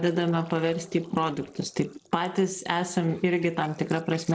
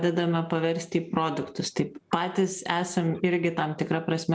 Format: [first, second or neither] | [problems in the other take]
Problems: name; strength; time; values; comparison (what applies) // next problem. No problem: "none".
second | noise reduction (neural separator model SepFormer DNS4)